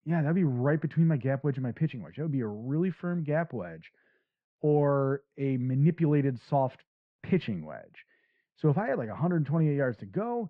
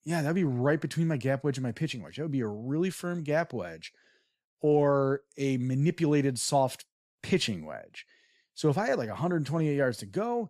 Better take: second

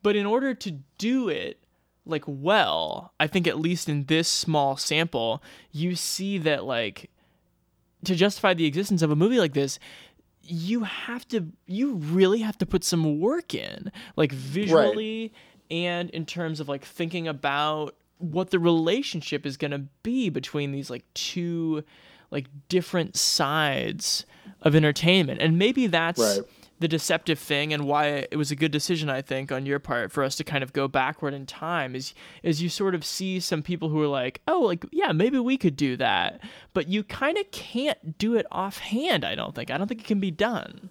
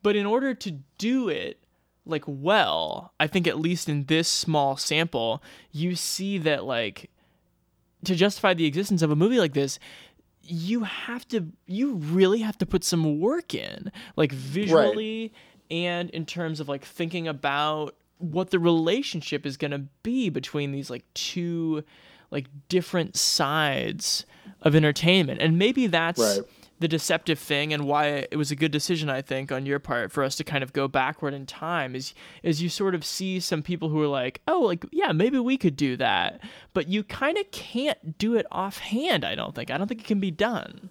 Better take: neither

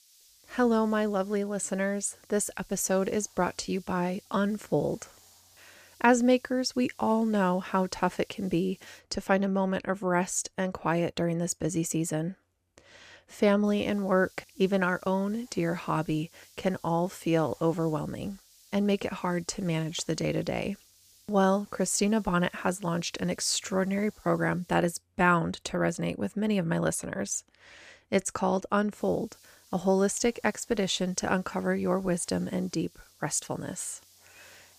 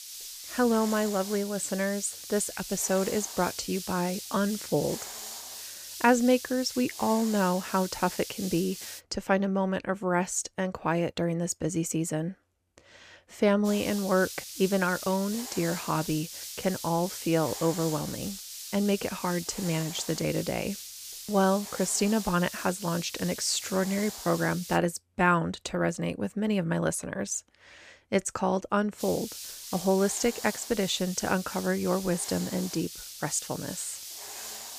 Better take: first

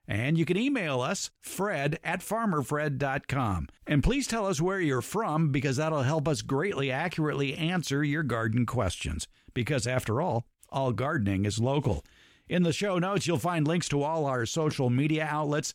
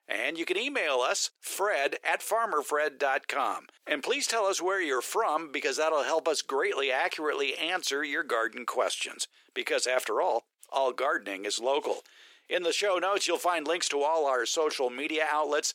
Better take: first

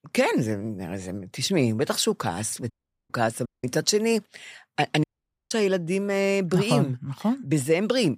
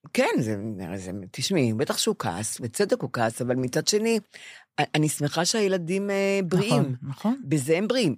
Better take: second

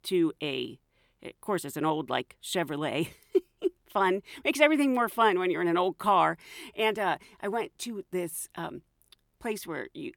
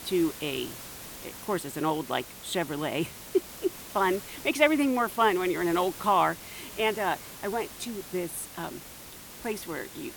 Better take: first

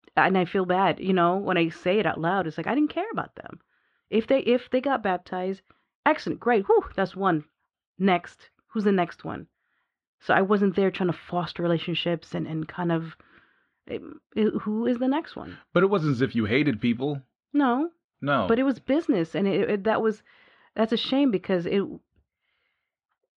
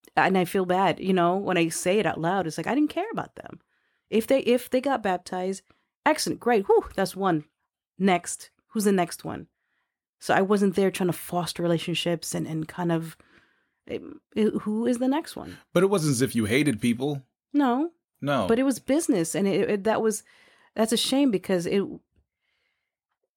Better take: second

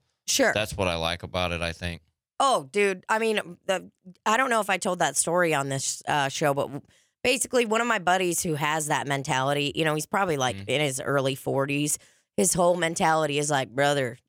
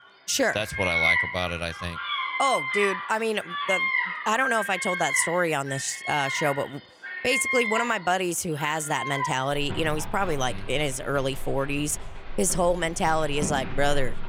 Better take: first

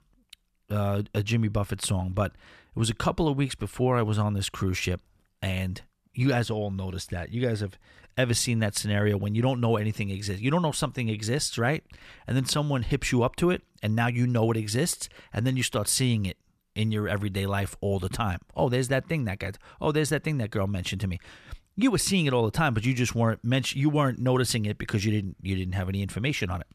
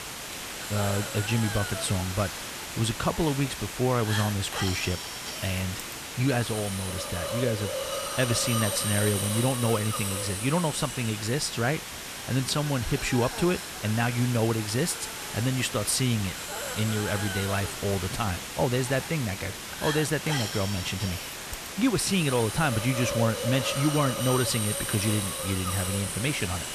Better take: first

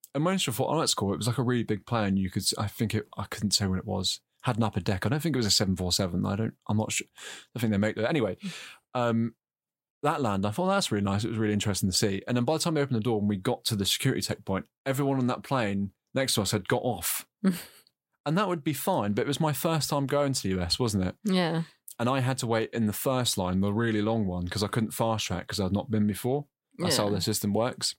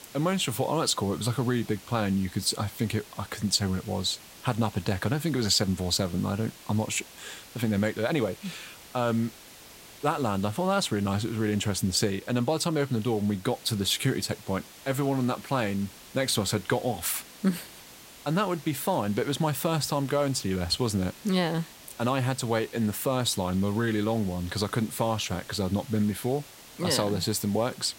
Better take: first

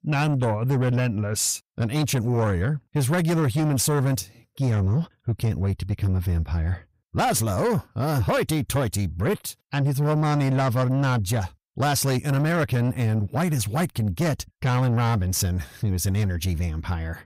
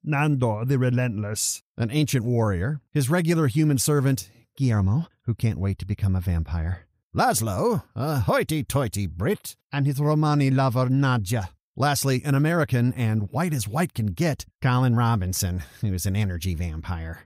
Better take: second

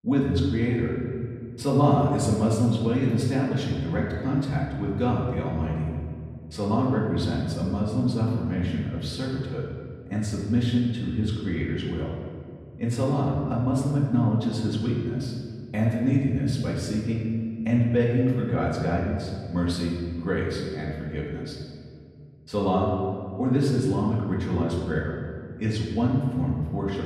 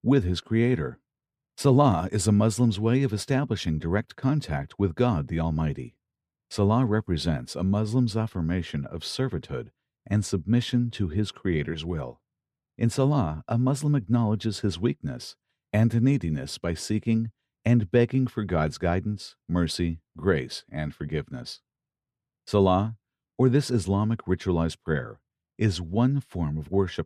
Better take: second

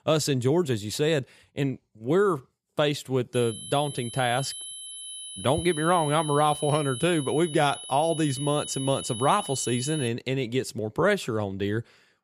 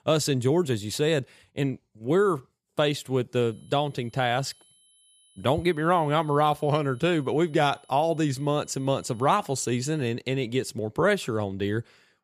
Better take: second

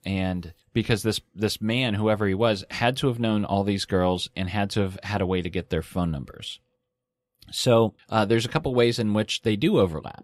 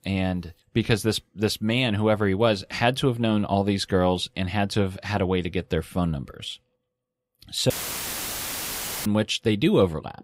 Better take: first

